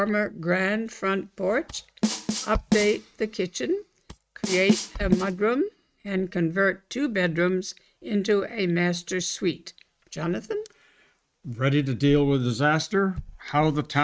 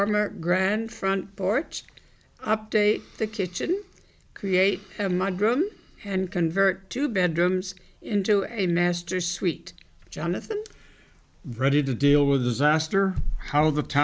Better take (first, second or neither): second